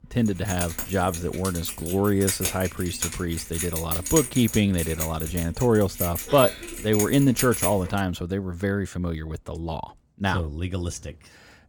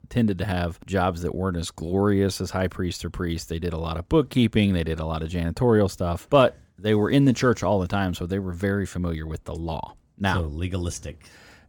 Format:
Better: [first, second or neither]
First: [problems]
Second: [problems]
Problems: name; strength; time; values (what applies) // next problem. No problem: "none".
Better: second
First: jangling keys; loud; until 8 s; peak 1 dB above the speech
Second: none